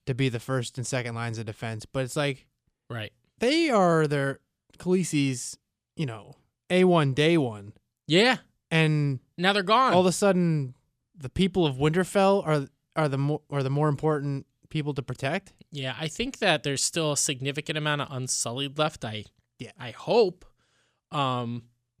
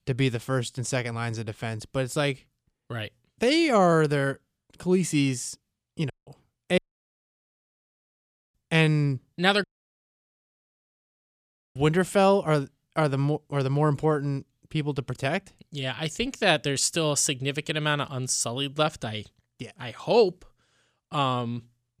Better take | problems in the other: first | audio cutting out; at 6 s, at 7 s for 2 s and at 9.5 s for 2 s

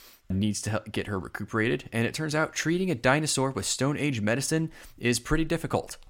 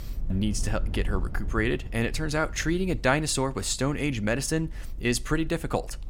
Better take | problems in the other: first | low rumble; faint; throughout; 25 dB below the speech

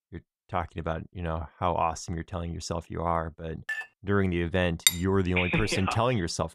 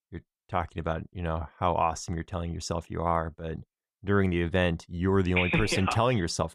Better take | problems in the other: second | clattering dishes; noticeable; at 3.5 s; peak 6 dB below the speech // clattering dishes; very faint; at 5 s; peak 5 dB above the speech

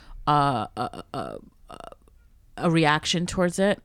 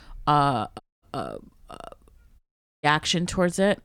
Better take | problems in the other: first | audio cutting out; at 1 s and at 2.5 s

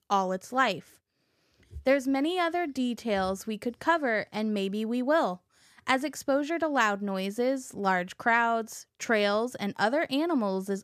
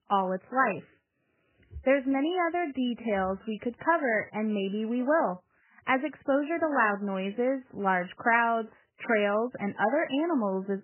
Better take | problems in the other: first | garbled, watery; badly; nothing above 3 kHz

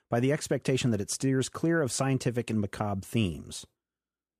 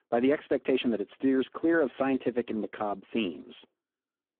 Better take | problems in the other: first | phone-call audio; poor line

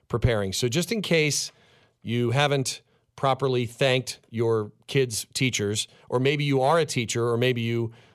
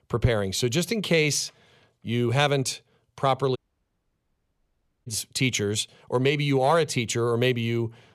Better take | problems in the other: first | audio cutting out; at 3.5 s for 1.5 s

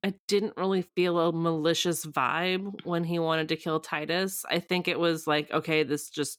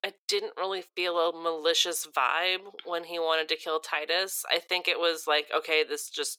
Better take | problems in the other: first | thin; very; fading below 500 Hz

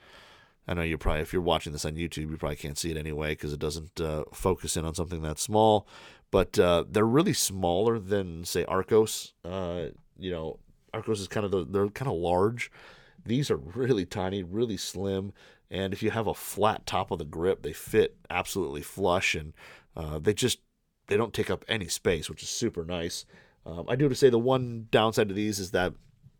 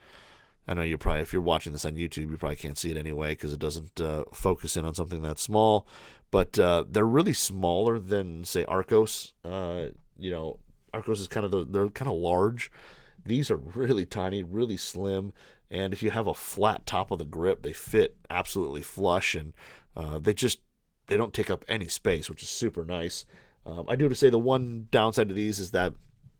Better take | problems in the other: first | garbled, watery; slightly

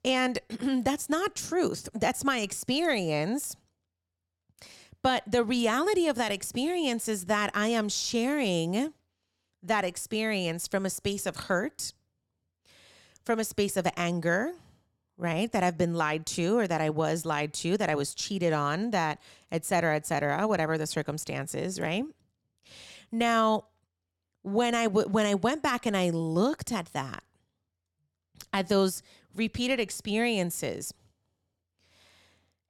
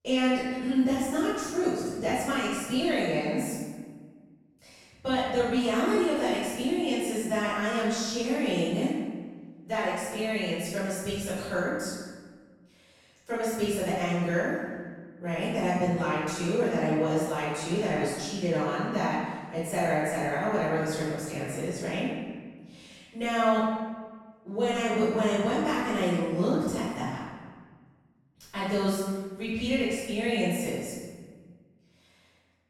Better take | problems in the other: first | off-mic speech; far // room echo; strong; dies away in 1.3 s

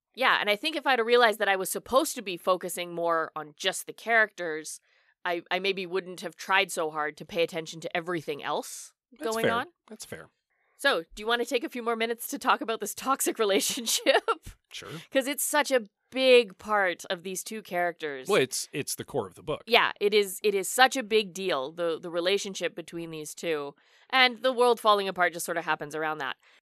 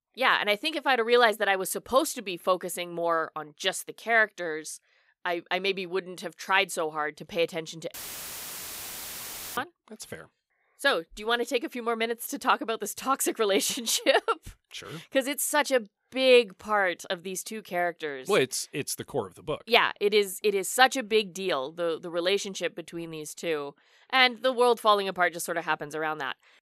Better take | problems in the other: first | audio cutting out; filled with static; at 8 s for 1.5 s

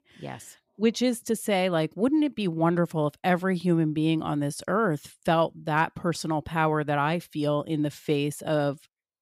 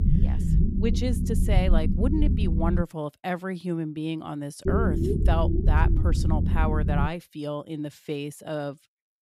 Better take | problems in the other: first | low rumble; loud; until 3 s and from 4.5 to 7 s; 4 dB below the speech

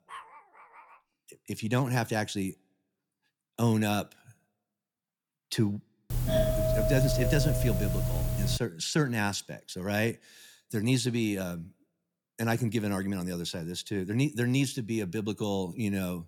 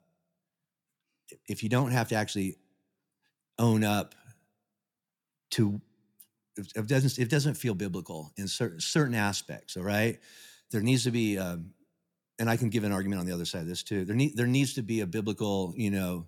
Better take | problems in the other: second | dog barking; faint; at the start; peak 15 dB below the speech // doorbell; loud; from 6 to 8.5 s; peak 4 dB above the speech

